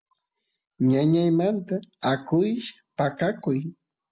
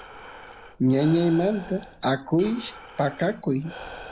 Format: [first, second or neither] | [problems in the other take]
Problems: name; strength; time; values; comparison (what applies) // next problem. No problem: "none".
first | background sound (Breathing); 17 dB below the speech